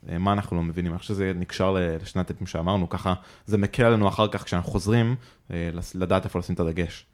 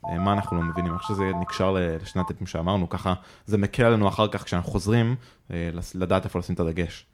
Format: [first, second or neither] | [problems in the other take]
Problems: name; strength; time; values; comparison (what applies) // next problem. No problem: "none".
first | phone ringing; noticeable; until 2.5 s; peak 7 dB below the speech